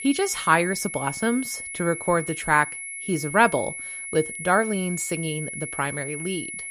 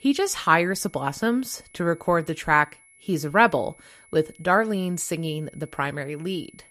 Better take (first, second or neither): second